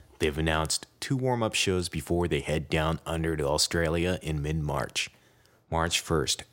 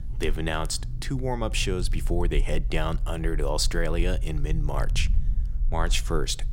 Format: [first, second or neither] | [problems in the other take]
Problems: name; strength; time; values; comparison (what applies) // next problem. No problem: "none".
first | low rumble; faint; throughout; 20 dB below the speech